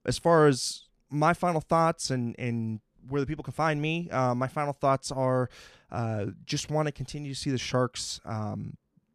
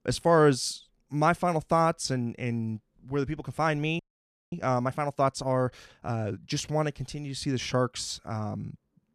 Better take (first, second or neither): first